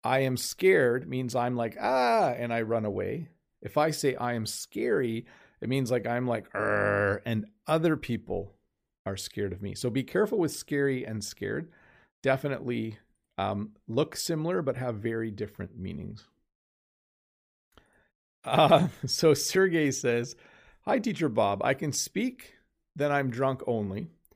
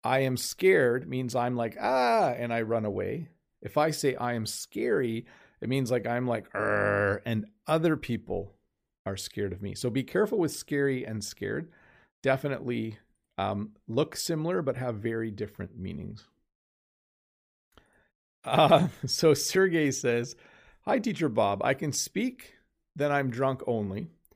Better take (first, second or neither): neither